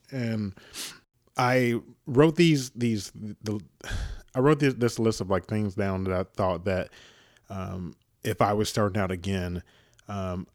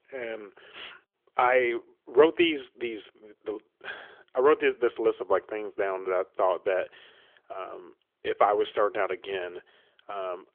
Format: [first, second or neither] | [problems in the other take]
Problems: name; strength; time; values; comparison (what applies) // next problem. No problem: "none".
first | phone-call audio; nothing above 3.5 kHz